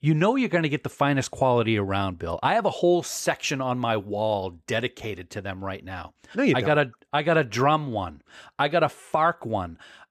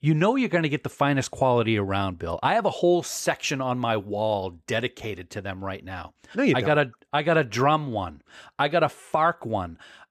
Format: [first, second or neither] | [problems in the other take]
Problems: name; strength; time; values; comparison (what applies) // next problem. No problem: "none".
neither | none